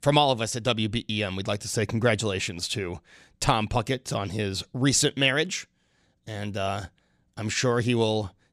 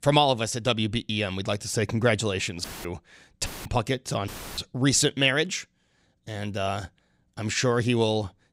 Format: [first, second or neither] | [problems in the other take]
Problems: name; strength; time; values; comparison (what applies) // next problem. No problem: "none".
first | audio cutting out; filled with static; at 2.5 s, at 3.5 s and at 4.5 s